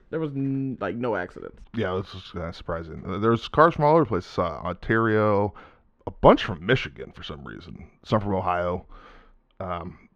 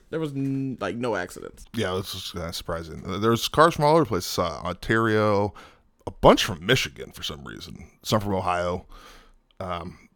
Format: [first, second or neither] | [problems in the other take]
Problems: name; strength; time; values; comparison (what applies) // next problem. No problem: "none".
second | muffled; slightly; fading above 2 kHz